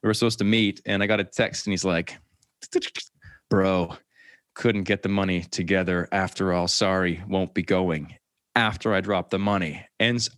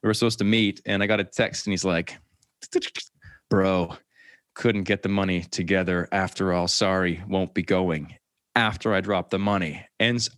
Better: neither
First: none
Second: none

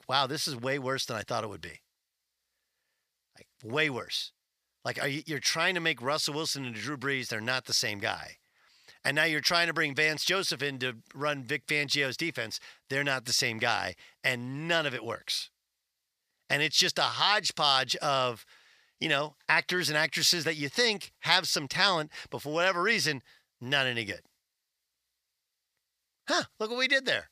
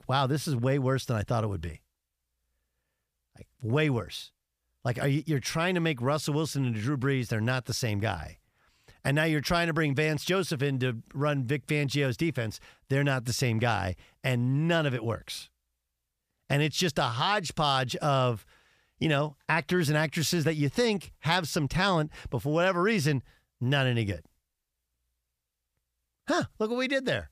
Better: second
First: thin; somewhat; fading below 650 Hz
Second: none

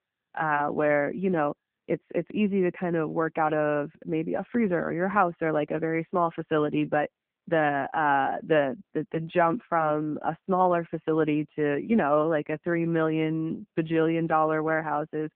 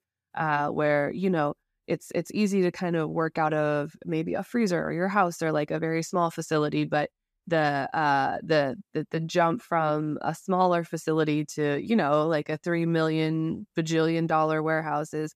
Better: second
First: phone-call audio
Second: none

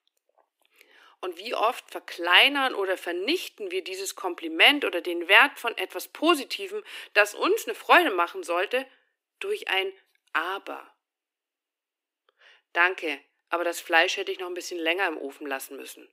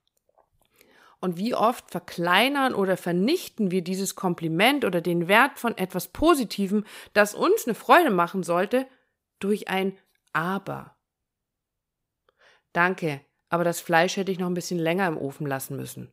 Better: second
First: thin; somewhat; fading below 300 Hz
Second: none

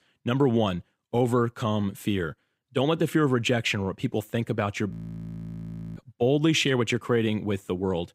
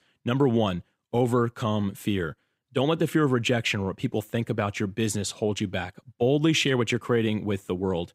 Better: second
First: audio freezing; at 5 s for 1 s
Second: none

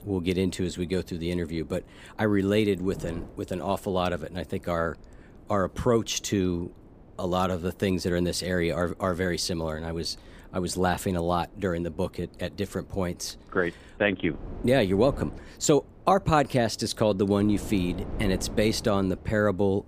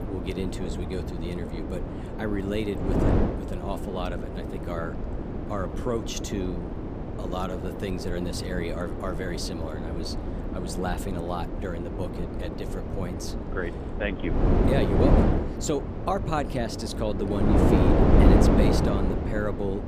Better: first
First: wind noise on the microphone; occasional gusts; 20 dB below the speech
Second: wind noise on the microphone; heavy; 1 dB above the speech

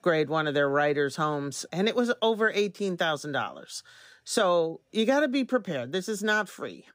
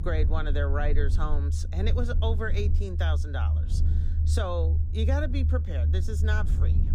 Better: first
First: none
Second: low rumble; loud; throughout; 9 dB below the speech

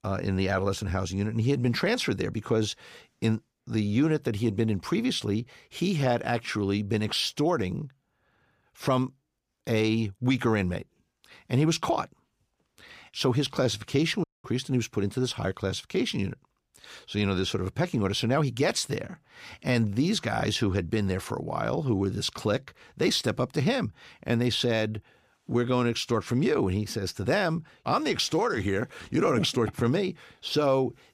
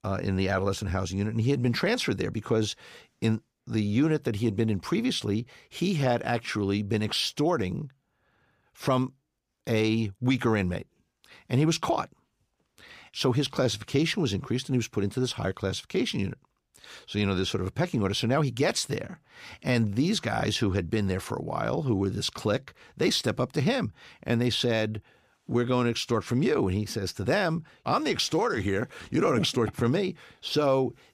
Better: second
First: audio cutting out; at 14 s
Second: none

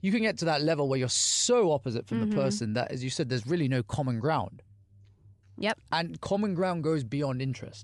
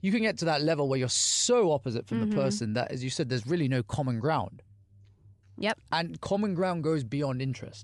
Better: neither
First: none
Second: none

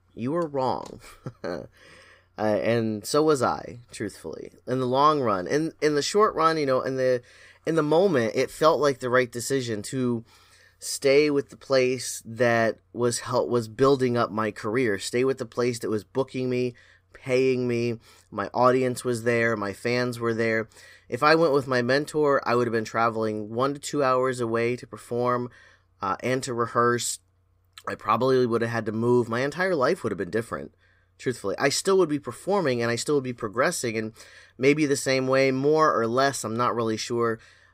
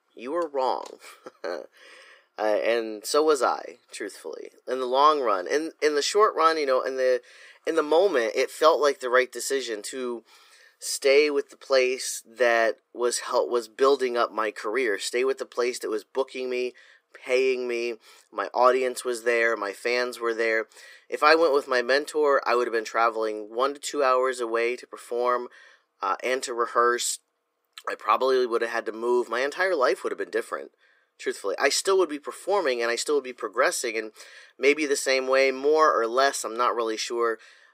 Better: first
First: none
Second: thin; somewhat; fading below 350 Hz

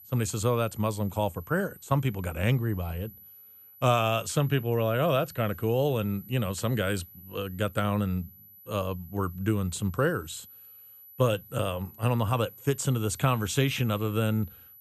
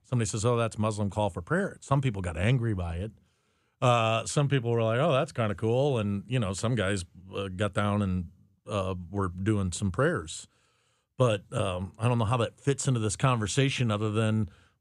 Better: second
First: high-pitched whine; noticeable; throughout; 12 kHz, 20 dB below the speech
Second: none

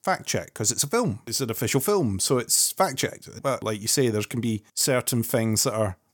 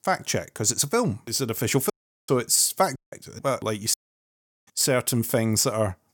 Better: first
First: none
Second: audio cutting out; at 2 s, at 3 s and at 4 s for 0.5 s

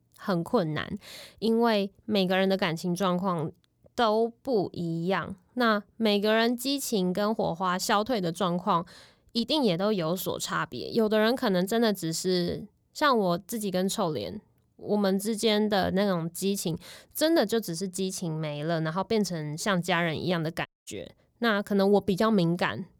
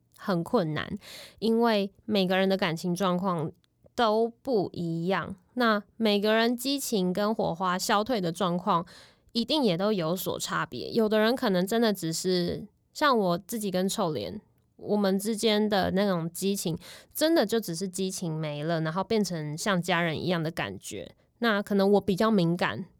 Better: second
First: audio cutting out; at 21 s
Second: none

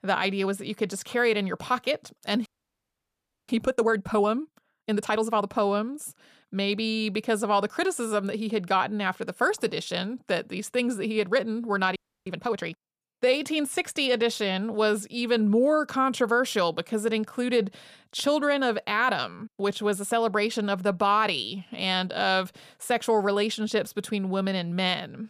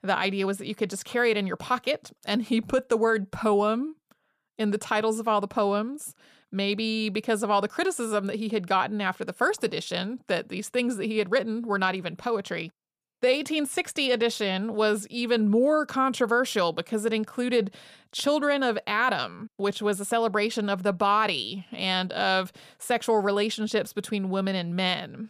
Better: second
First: audio freezing; at 2.5 s for 1 s and at 12 s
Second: none

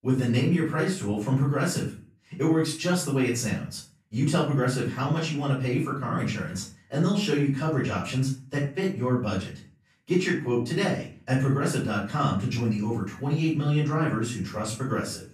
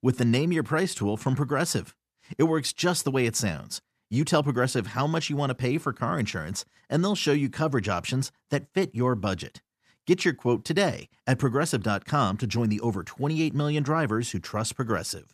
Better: second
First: off-mic speech; far // room echo; noticeable; dies away in 0.4 s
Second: none

